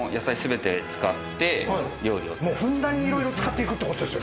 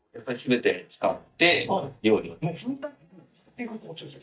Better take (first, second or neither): first